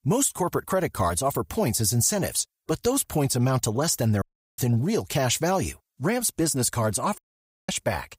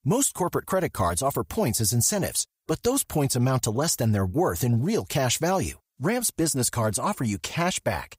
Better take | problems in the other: second | audio cutting out; at 4 s and at 7 s for 0.5 s

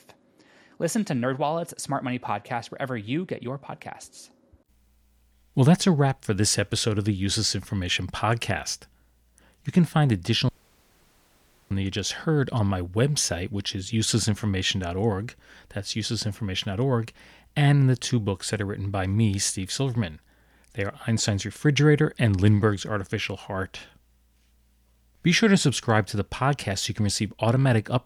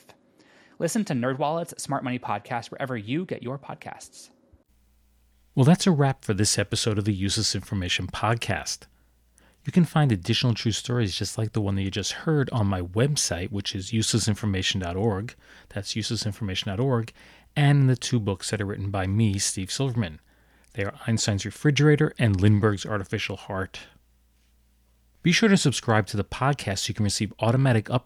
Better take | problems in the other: second | audio cutting out; at 10 s for 1 s

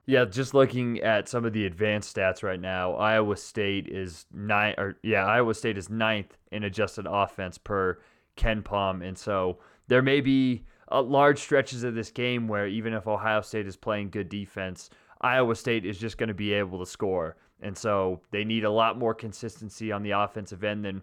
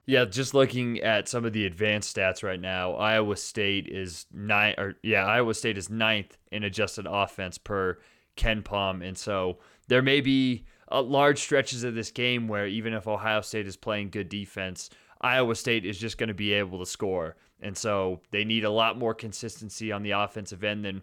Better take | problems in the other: second | muffled; slightly; fading above 1.5 kHz

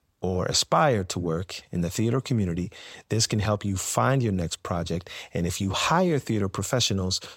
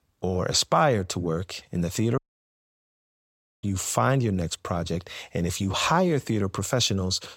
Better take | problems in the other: first | audio cutting out; at 2 s for 1.5 s

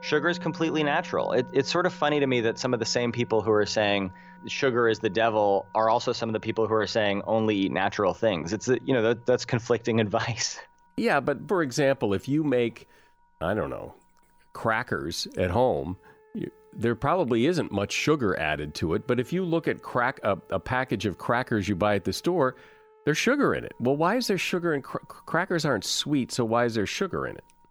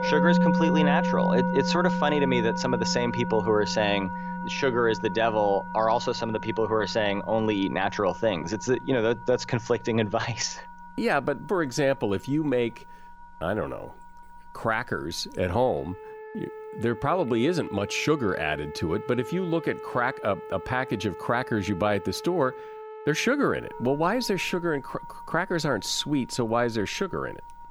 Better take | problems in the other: first | background music; loud; throughout; 5 dB below the speech; faint in the first

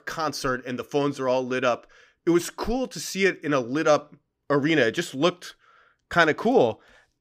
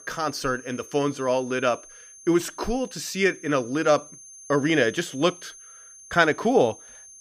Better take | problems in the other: first | high-pitched whine; noticeable; throughout; 6.5 kHz, 20 dB below the speech

